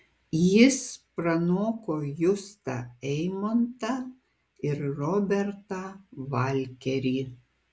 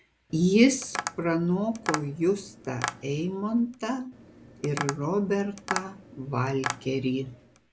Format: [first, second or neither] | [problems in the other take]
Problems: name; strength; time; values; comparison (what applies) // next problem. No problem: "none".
first | background sound (Tap); 10 dB below the speech